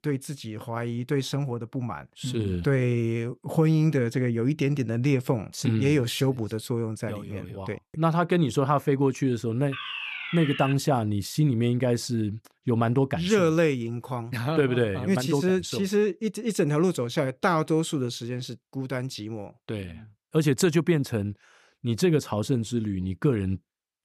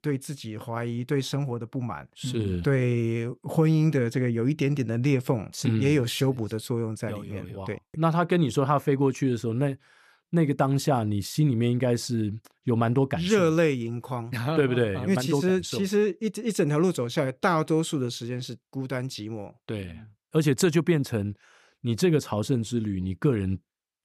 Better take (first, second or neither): second